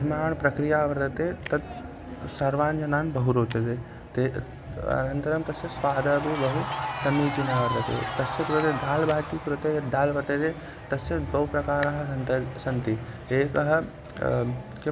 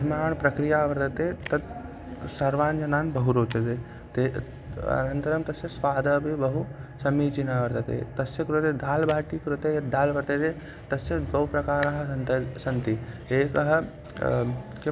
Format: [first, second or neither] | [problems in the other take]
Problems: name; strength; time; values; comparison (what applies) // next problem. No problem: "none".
second | background sound (Crowd / Cheering); 11 dB below the speech